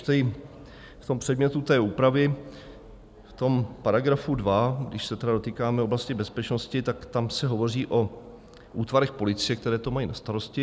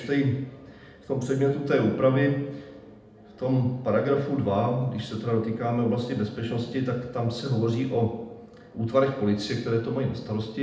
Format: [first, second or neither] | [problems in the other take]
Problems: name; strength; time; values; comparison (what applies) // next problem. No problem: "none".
first | room echo; dies away in 0.8 s